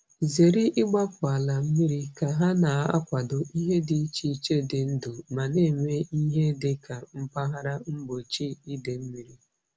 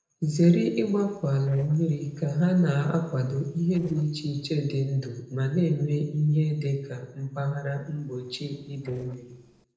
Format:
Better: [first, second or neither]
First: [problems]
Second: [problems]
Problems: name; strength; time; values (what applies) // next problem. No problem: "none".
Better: first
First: none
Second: noise reduction (neural separator model SepFormer DNS4)